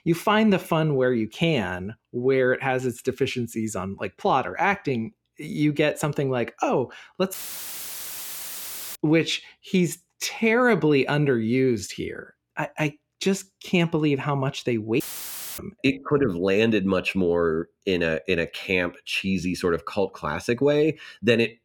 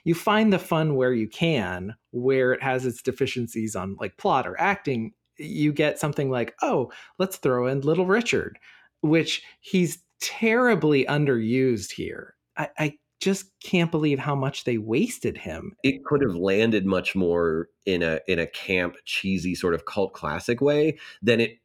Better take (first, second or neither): second